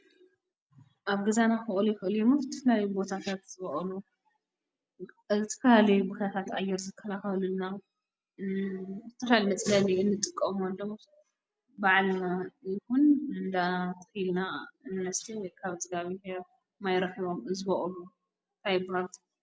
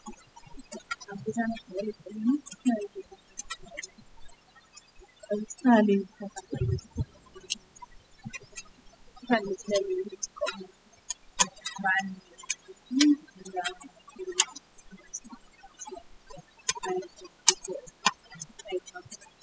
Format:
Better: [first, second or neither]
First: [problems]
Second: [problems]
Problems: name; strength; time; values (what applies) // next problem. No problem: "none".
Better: first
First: none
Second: noise reduction (classical method spectral subtraction)